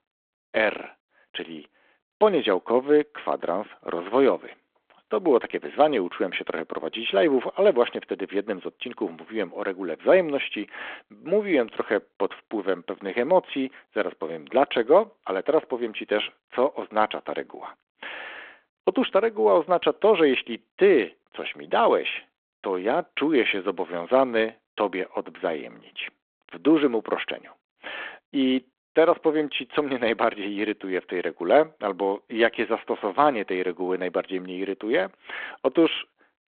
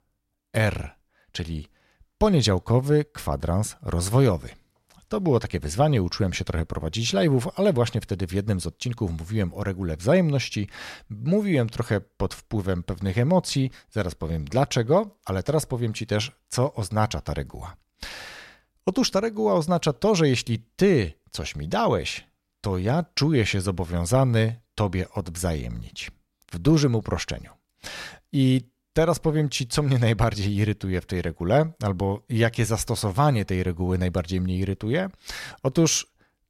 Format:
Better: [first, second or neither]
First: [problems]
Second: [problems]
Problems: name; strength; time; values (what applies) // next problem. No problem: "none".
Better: second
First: phone-call audio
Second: none